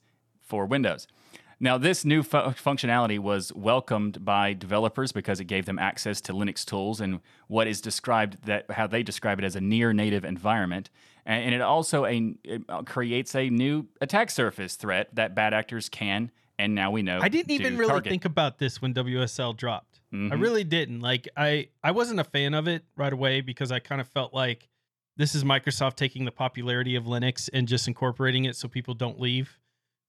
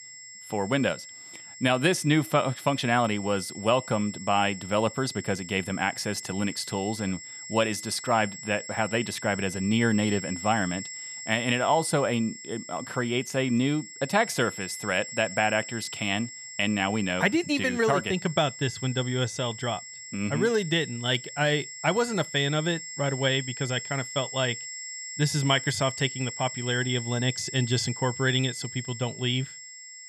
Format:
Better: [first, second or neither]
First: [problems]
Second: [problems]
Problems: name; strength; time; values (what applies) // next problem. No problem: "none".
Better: first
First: none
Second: high-pitched whine; noticeable; throughout; 7.5 kHz, 10 dB below the speech